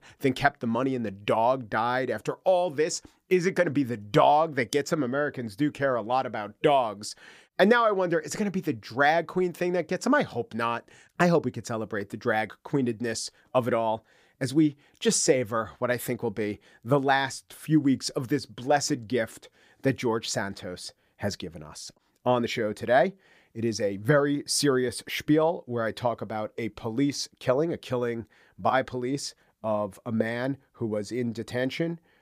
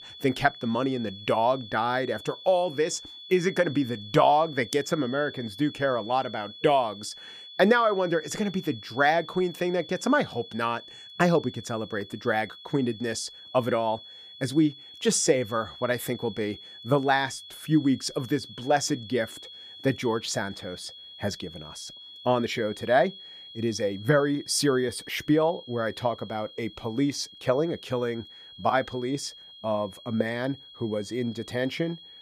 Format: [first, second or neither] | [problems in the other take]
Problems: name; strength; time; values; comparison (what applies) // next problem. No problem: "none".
first | high-pitched whine; noticeable; throughout; 3.5 kHz, 15 dB below the speech